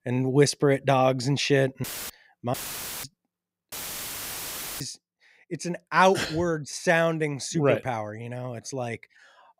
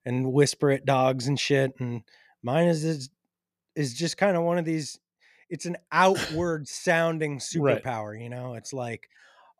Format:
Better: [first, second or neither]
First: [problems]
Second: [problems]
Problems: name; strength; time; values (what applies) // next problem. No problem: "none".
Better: second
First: audio cutting out; filled with static; at 2 s, at 2.5 s for 0.5 s and at 3.5 s for 1 s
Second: none